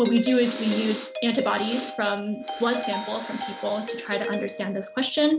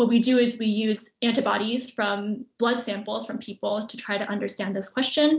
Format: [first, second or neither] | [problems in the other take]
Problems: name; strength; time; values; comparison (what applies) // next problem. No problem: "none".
second | background sound (Breathing + Doorbell); 8 dB below the speech